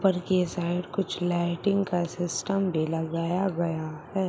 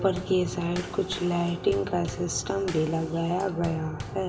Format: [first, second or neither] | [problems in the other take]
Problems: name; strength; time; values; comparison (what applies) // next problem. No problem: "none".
first | background sound (Bass drum / Snare drum / Drum kit); 12 dB below the speech // room echo; dies away in 1.7 s